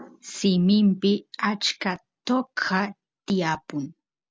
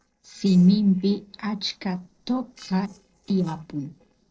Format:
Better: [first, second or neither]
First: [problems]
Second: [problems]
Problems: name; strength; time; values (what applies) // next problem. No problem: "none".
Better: first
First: none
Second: noise reduction (neural separator model SepFormer DNS4)